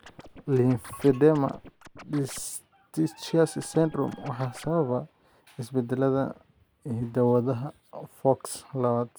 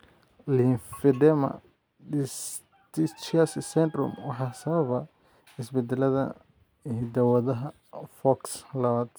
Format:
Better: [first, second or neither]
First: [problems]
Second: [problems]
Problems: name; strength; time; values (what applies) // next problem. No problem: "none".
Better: second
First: background sound (Scratching (performance technique)); 19 dB below the speech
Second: none